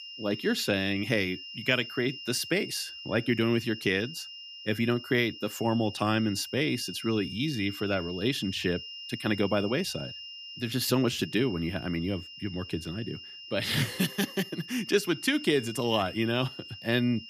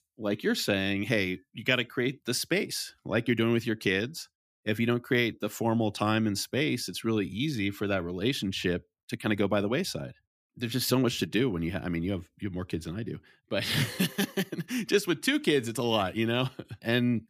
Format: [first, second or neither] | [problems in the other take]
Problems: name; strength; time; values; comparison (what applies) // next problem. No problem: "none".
second | high-pitched whine; noticeable; throughout; 3 kHz, 10 dB below the speech